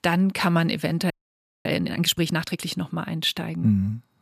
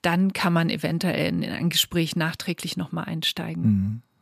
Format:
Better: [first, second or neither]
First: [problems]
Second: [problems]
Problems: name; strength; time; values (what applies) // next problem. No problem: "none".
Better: second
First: audio freezing; at 1 s for 0.5 s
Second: none